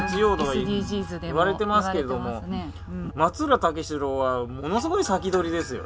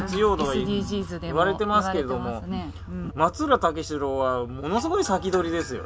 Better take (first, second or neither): second